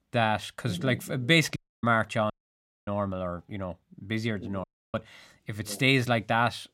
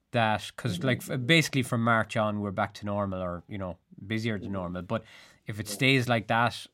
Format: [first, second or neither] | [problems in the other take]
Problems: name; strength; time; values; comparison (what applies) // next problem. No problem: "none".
second | audio cutting out; at 1.5 s, at 2.5 s for 0.5 s and at 4.5 s